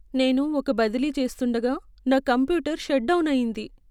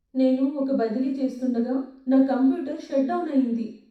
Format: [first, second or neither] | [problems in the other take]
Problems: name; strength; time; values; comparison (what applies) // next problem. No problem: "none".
first | room echo; dies away in 0.6 s